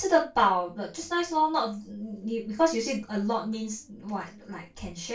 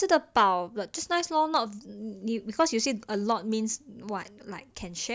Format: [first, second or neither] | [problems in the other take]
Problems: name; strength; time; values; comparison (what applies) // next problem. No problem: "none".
second | room echo; dies away in 0.2 s